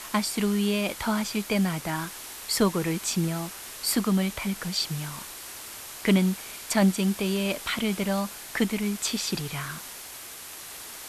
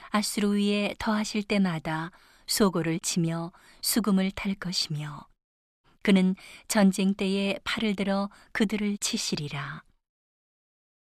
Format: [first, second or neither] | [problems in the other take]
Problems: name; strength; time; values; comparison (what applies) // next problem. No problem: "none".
second | hiss; noticeable; throughout; 10 dB below the speech